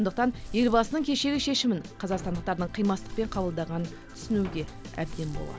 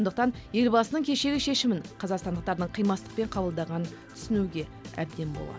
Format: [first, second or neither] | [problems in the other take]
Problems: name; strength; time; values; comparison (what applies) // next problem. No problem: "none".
second | background sound (Dog + Slam); 13 dB below the speech